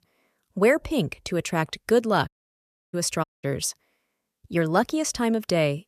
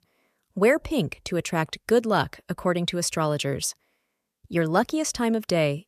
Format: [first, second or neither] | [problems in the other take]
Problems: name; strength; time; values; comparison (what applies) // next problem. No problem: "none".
second | audio cutting out; at 2.5 s for 0.5 s and at 3 s